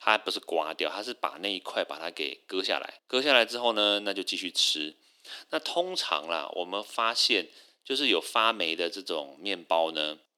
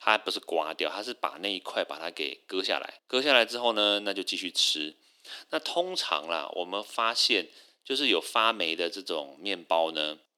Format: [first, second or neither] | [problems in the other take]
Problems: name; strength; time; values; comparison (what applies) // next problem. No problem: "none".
neither | thin; very; fading below 300 Hz; the same in both